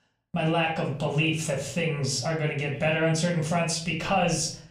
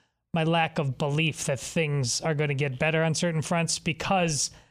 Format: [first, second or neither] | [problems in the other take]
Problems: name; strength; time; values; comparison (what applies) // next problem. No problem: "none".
second | off-mic speech; far // room echo; slight; dies away in 0.4 s